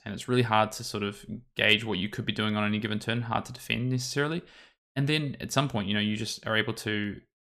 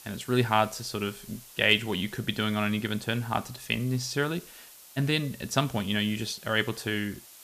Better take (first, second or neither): first